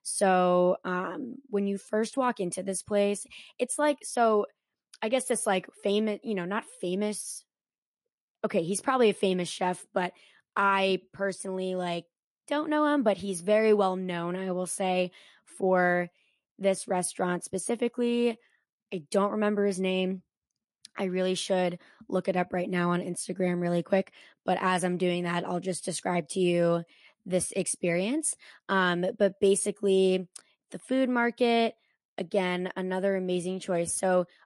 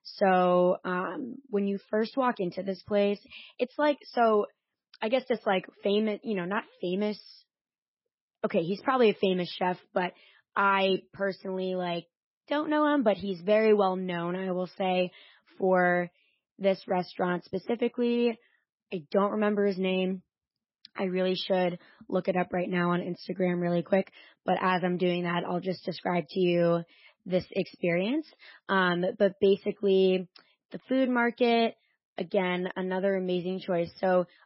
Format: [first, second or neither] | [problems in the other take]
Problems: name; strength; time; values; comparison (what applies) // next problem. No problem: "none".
first | garbled, watery; badly; nothing above 5.5 kHz; slightly in the first